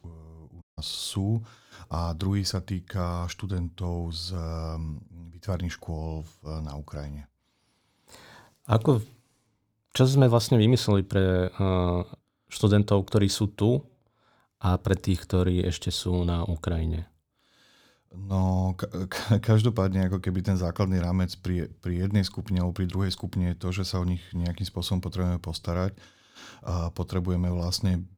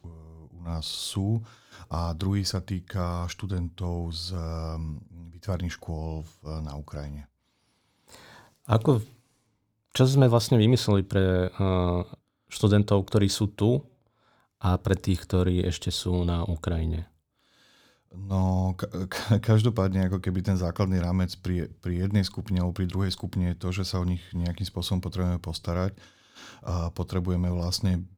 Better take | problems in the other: second | audio cutting out; at 0.5 s

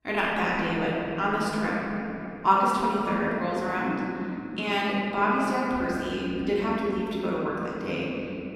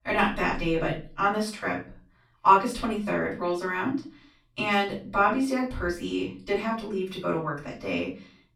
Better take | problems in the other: second | room echo; strong; dies away in 3 s; slight in the second // off-mic speech; far; far in the second

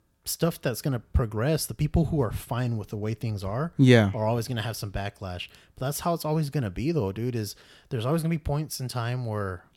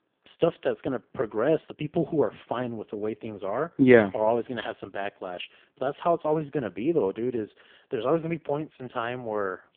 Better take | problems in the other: first | phone-call audio; poor line

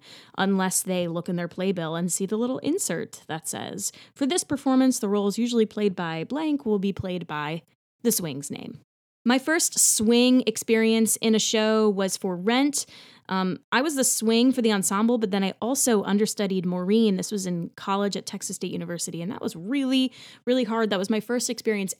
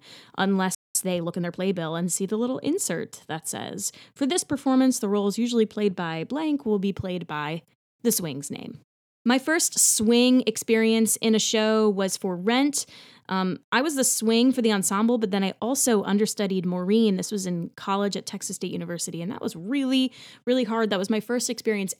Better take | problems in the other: first | audio freezing; at 1 s

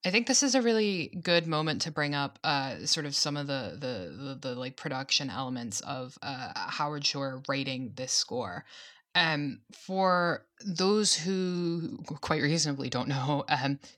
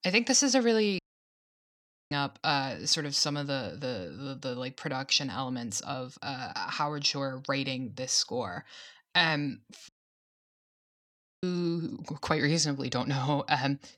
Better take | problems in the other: first | audio cutting out; at 1 s for 1 s and at 10 s for 1.5 s

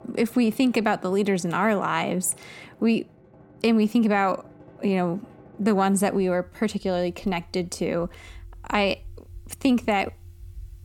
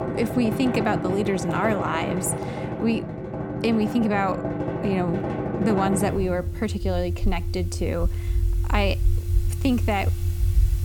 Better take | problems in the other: first | background music; loud; throughout; 2 dB below the speech; faint in the first

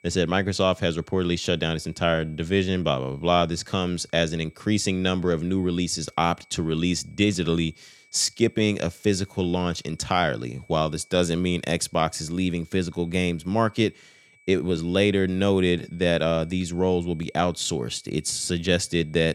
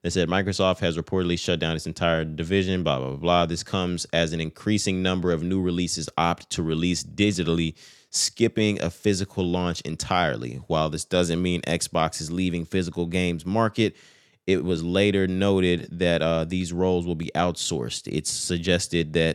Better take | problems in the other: second | high-pitched whine; faint; throughout; 2.5 kHz, 30 dB below the speech

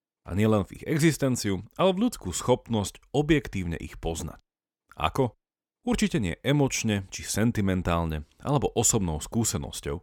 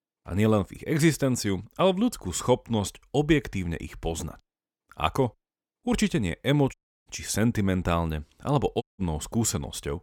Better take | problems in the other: first | audio cutting out; at 6.5 s and at 9 s

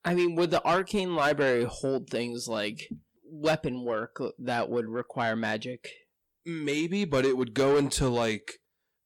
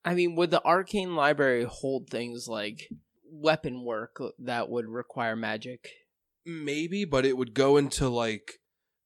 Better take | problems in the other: second | distortion; slight; 10 dB below the speech

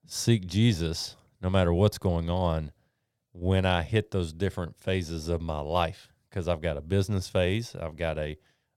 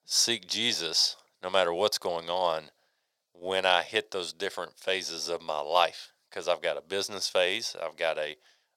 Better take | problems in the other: first | thin; very; fading below 650 Hz

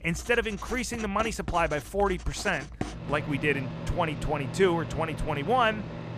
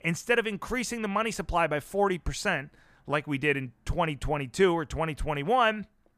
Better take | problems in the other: second | household noises; loud; throughout; 9 dB below the speech

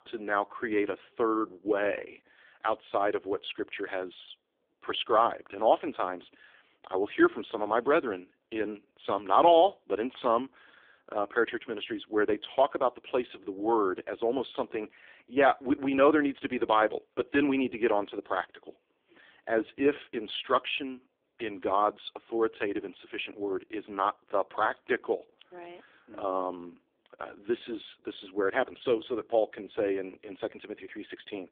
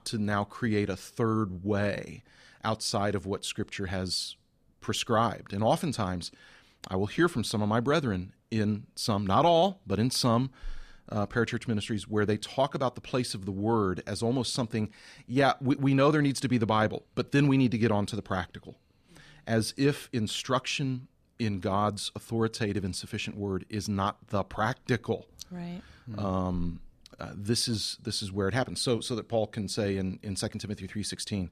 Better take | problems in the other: second | phone-call audio; poor line

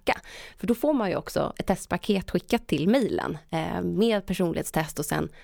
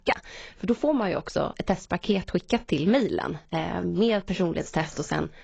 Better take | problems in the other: first | garbled, watery; badly; nothing above 7.5 kHz

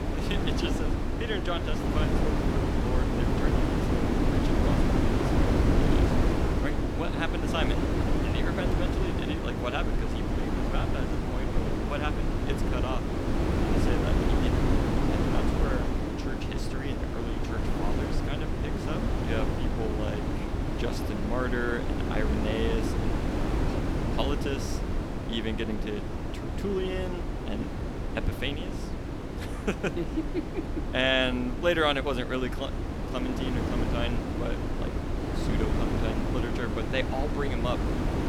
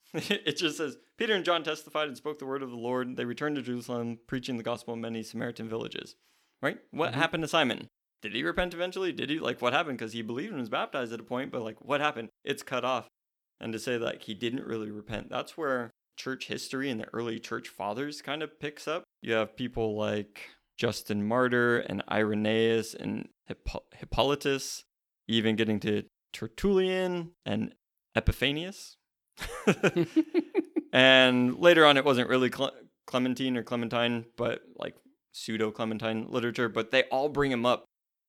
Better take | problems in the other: second | wind noise on the microphone; heavy; as loud as the speech

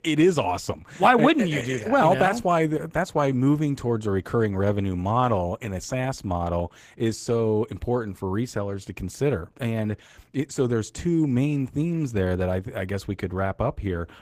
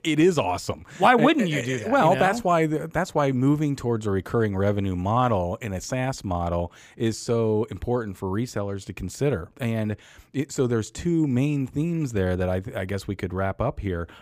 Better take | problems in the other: second | garbled, watery; slightly; nothing above 15 kHz

